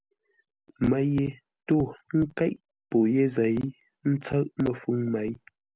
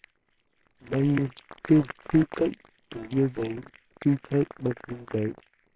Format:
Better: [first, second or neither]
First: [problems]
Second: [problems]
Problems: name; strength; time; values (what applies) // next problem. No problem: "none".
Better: first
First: none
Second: noise reduction (neural separator model SepFormer WHAMR!)